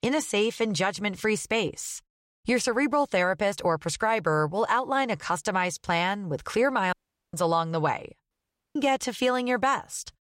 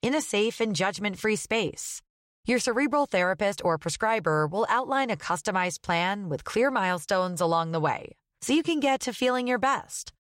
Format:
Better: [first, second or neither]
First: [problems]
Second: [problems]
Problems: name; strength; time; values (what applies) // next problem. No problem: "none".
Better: second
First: audio cutting out; at 7 s and at 8.5 s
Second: none